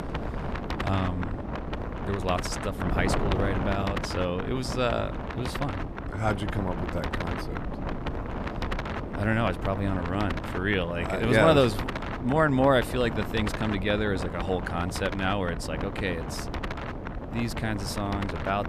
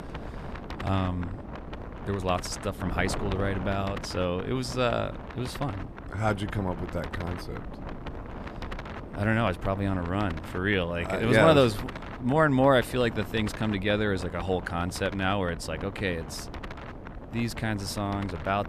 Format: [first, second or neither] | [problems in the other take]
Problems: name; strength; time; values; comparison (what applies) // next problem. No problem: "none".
second | wind noise on the microphone; heavy; 6 dB below the speech; occasional gusts in the second